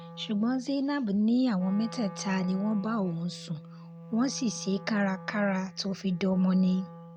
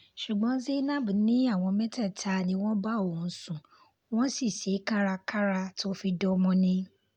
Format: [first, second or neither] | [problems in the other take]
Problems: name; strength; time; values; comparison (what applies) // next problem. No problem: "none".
second | background sound (Wind instrument, woodwind instrument); 16 dB below the speech